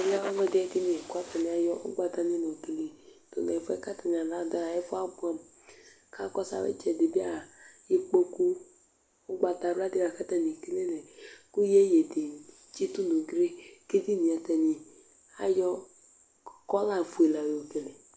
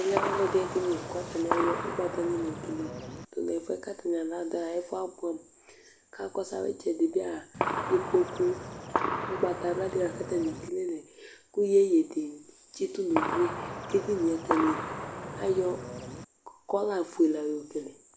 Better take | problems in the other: first | background sound (Gunshot, gunfire); 4 dB below the speech

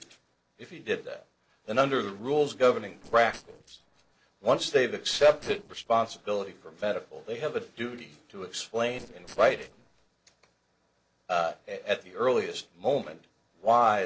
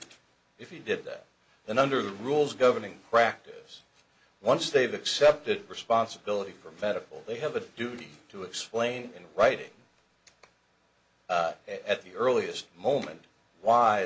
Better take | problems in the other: second | noise reduction (neural separator model SepFormer DNS4)

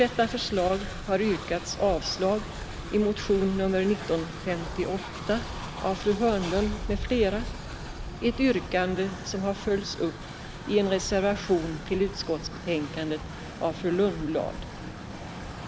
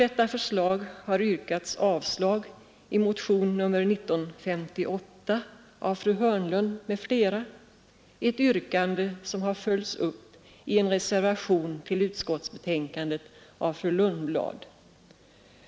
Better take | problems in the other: second | background sound (Train); 9 dB below the speech

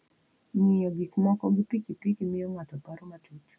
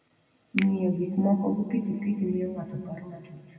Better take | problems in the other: first | background sound (Finger snapping); 15 dB below the speech // room echo; dies away in 2.1 s

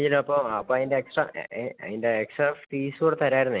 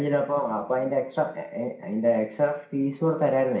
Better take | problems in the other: first | room echo; dies away in 0.5 s

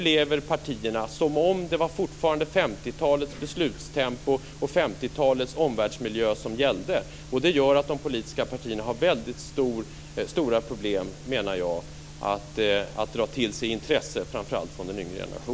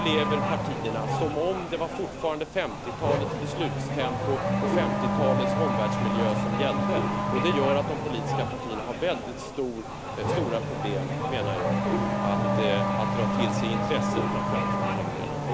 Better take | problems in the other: first | background sound (Race car, auto racing / Accelerating, revving, vroom); 3 dB above the speech

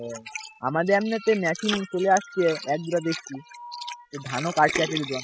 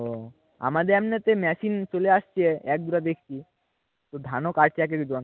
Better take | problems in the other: second | noise reduction (classical method spectral subtraction)

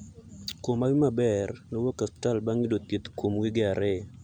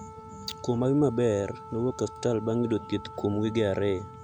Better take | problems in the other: first | background sound (Wind instrument, woodwind instrument); 16 dB below the speech

